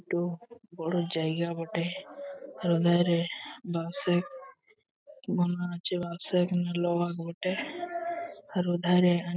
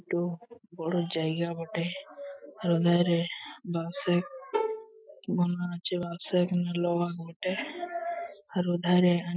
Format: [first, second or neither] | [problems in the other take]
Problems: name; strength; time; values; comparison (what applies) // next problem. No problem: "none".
first | noise reduction (classical method Wiener filter)